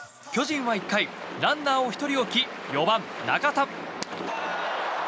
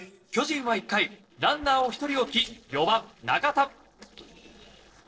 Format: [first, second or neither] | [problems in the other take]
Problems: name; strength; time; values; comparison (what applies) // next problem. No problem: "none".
first | noise reduction (neural separator model SepFormer DNS4)